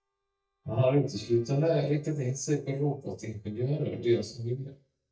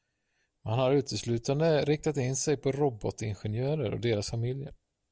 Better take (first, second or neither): second